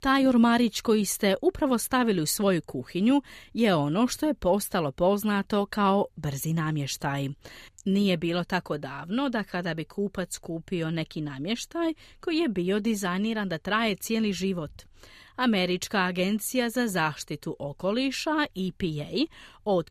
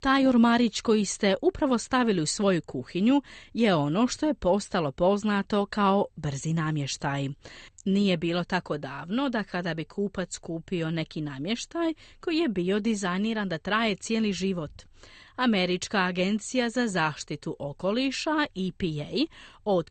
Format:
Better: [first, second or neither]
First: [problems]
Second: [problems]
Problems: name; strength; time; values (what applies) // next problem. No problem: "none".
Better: first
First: none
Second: garbled, watery; slightly; nothing above 8.5 kHz